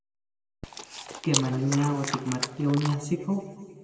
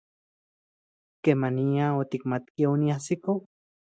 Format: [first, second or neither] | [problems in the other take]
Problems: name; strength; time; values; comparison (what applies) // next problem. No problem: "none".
second | background sound (Chewing, mastication); 6 dB below the speech // room echo; dies away in 2 s